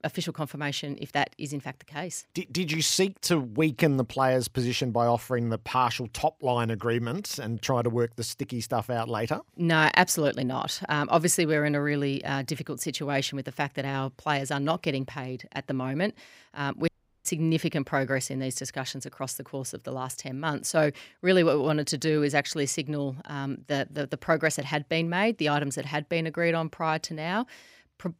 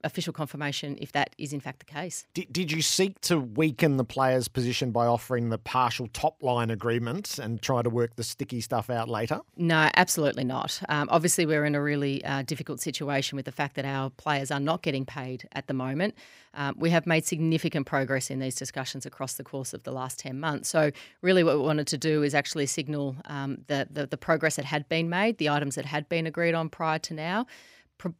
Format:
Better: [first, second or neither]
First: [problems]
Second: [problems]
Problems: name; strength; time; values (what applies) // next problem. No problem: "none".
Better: second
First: audio cutting out; at 17 s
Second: none